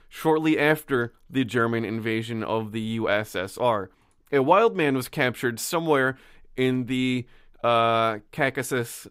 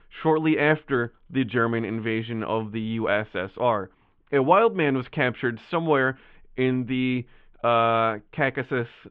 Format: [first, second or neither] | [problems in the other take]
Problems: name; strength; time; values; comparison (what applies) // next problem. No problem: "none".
first | muffled; very; fading above 3 kHz